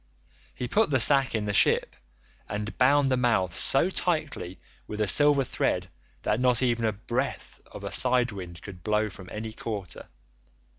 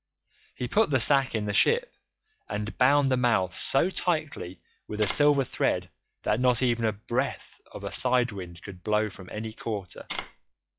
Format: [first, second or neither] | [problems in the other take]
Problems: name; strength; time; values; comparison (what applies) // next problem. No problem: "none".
first | noise reduction (classical method log-MMSE)